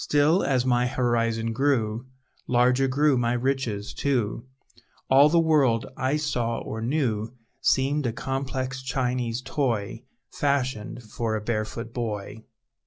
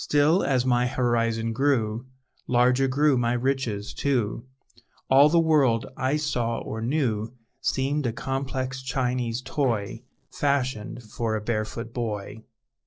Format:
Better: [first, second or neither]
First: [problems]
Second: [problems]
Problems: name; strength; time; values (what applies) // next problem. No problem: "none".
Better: first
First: none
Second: noise reduction (neural separator model SepFormer DNS4)